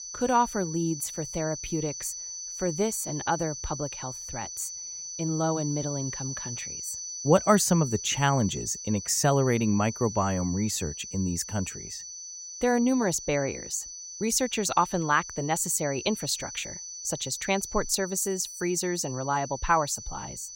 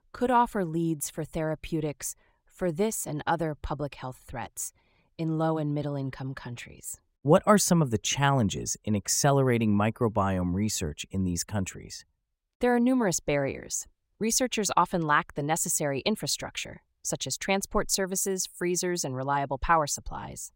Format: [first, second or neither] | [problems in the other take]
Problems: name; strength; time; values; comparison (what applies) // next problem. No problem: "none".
second | high-pitched whine; loud; throughout; 6 kHz, 9 dB below the speech